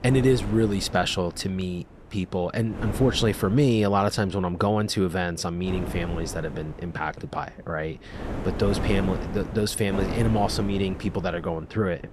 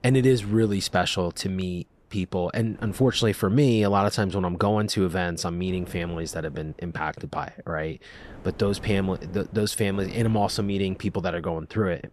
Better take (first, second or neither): second